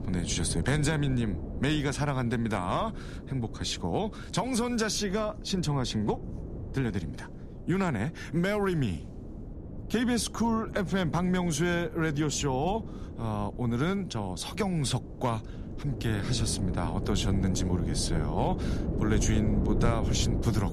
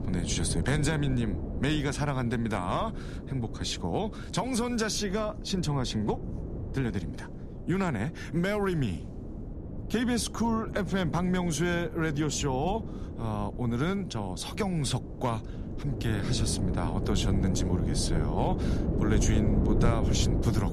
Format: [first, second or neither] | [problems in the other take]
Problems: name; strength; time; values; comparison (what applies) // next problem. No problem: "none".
first | wind noise on the microphone; heavy; 9 dB below the speech; occasional gusts in the first